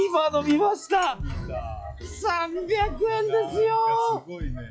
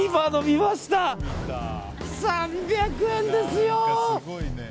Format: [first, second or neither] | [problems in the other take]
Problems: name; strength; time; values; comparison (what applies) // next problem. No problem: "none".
second | noise reduction (classical method log-MMSE)